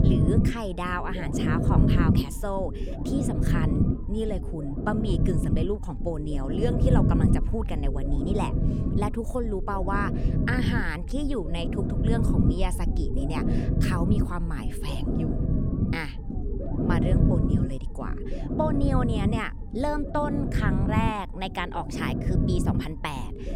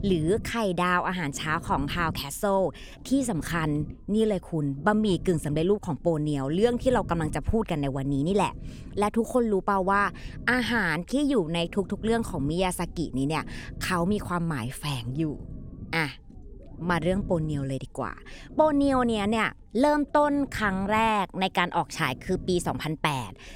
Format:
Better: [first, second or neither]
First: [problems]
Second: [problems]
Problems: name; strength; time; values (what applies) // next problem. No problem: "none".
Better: second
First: low rumble; loud; throughout; 3 dB below the speech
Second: low rumble; faint; throughout; 25 dB below the speech